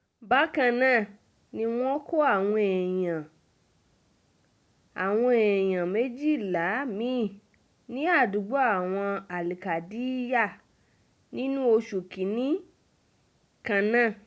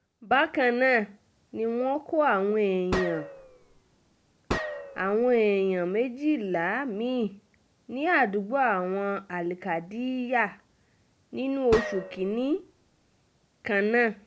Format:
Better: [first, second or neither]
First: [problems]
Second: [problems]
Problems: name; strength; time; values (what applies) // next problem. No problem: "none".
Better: first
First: none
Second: background sound (Gunshot, gunfire); 9 dB below the speech